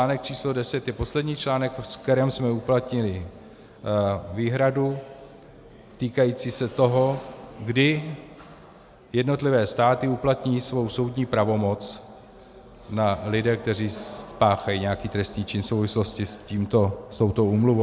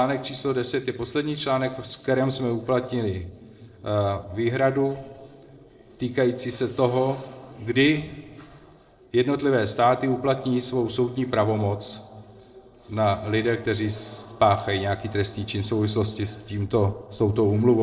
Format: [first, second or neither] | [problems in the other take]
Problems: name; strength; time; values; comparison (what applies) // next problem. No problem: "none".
first | noise reduction (neural separator model SepFormer DNS4)